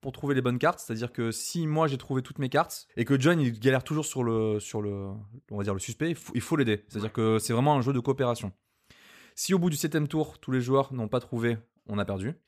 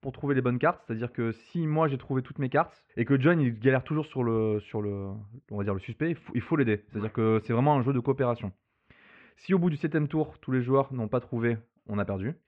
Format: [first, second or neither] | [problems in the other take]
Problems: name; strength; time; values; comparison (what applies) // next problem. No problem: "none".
first | muffled; very; fading above 2.5 kHz